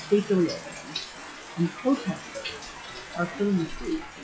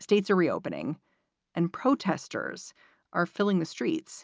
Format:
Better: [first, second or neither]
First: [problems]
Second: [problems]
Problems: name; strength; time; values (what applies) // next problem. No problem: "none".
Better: second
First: noise reduction (classical method log-MMSE)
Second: none